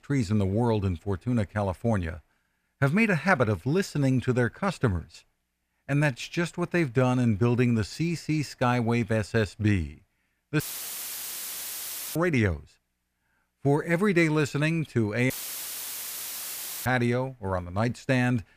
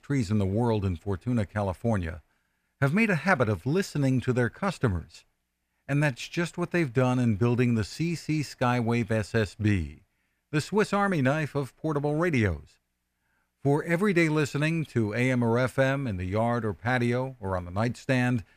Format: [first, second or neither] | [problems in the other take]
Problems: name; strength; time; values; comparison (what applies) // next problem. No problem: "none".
second | audio cutting out; filled with static; at 11 s for 1.5 s and at 15 s for 1.5 s